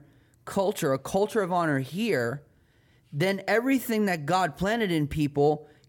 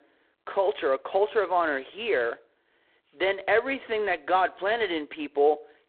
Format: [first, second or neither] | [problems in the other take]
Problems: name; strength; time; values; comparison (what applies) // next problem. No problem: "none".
first | phone-call audio; poor line